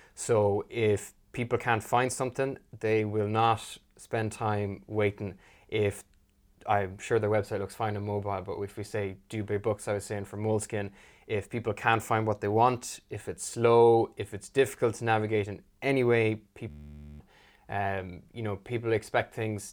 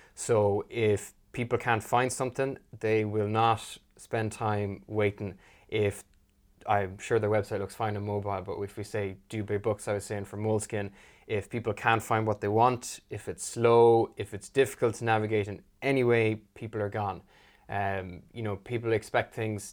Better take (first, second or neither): second